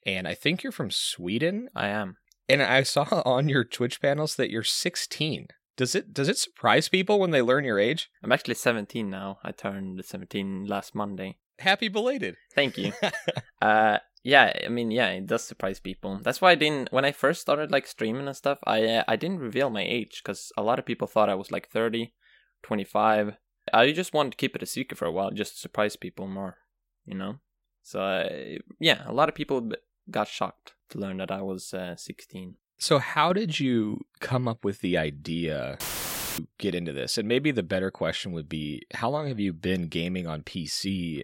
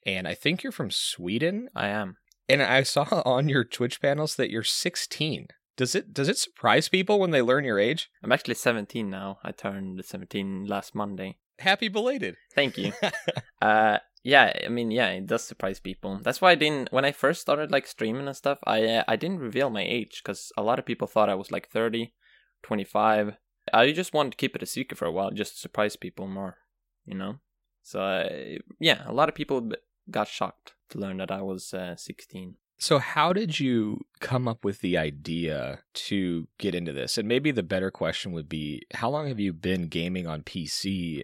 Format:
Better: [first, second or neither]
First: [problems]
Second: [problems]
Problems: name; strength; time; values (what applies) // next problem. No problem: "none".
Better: second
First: audio cutting out; filled with static; at 36 s for 0.5 s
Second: none